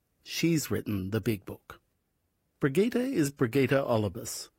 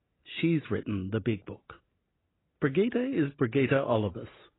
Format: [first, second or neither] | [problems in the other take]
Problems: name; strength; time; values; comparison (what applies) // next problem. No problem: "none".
first | garbled, watery; badly; nothing above 4 kHz; slightly in the first